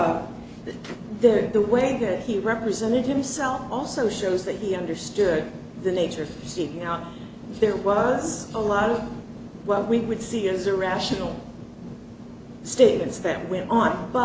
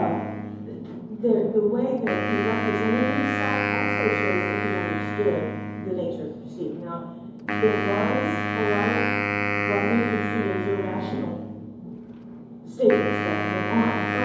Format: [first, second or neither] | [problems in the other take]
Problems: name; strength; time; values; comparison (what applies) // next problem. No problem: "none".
first | background sound (Wind instrument, woodwind instrument); 2 dB below the speech // room echo; dies away in 0.8 s